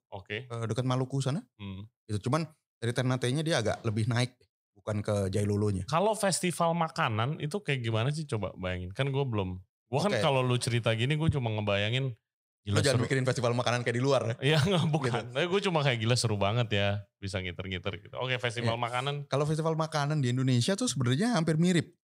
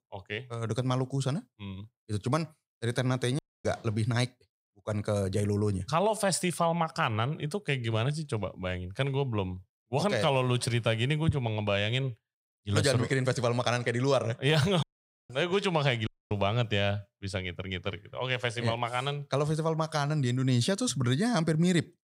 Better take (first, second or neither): first